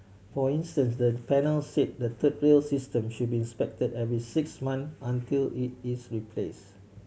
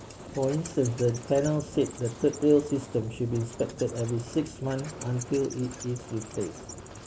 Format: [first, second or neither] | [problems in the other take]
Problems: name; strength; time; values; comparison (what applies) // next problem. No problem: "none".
first | background sound (Fire + Wild animals); 14 dB below the speech